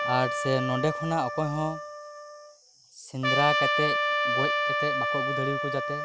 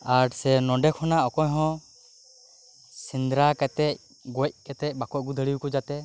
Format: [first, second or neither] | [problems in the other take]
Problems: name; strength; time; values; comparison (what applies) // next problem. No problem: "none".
second | background sound (Trumpet); 2 dB above the speech